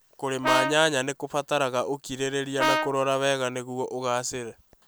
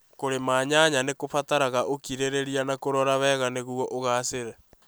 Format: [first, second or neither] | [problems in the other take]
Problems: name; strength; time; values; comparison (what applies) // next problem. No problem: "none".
second | background sound (Brass instrument); 1 dB below the speech